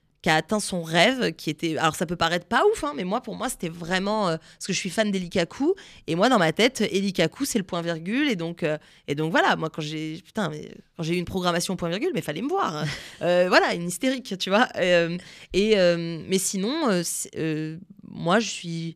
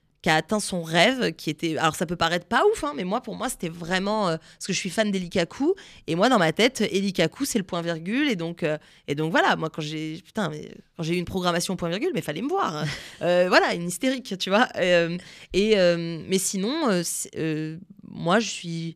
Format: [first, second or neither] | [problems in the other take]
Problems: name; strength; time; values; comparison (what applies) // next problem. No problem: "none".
neither | none